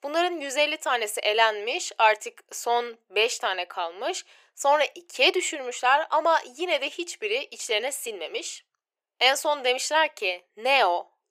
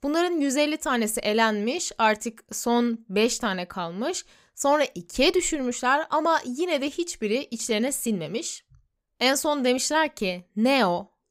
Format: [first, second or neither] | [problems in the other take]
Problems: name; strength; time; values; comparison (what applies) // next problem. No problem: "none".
second | thin; very; fading below 350 Hz